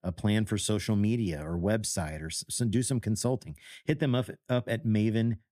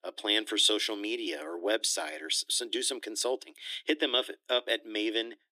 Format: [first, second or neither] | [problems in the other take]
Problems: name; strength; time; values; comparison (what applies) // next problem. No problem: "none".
first | thin; very; fading below 300 Hz